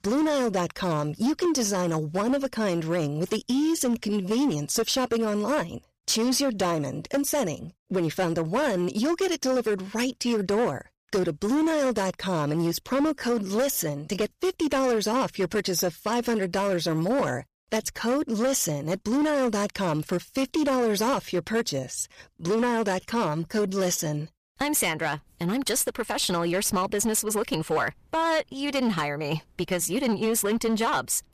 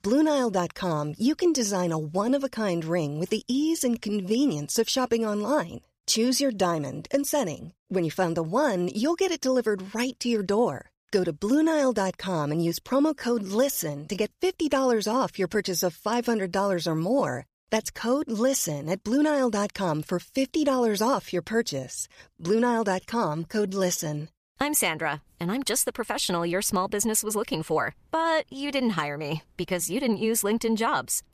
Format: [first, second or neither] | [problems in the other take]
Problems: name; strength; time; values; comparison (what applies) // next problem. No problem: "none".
second | distortion; slight; 13% of the sound clipped